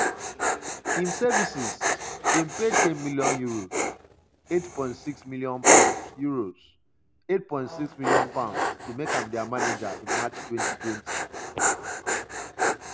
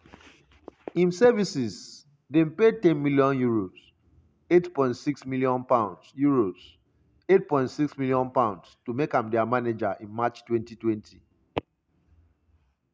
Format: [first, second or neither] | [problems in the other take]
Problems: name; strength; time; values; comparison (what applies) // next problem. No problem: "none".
second | background sound (Dog); 4 dB above the speech